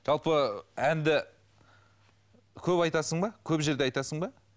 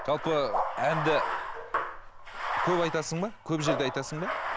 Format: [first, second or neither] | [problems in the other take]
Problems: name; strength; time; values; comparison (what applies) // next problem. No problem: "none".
first | background sound (Bathtub (filling or washing)); 2 dB below the speech